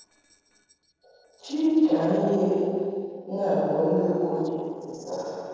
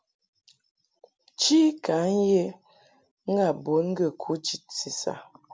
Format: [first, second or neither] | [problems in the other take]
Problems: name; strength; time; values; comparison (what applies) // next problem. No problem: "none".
second | noise reduction (neural separator model SepFormer DNS4)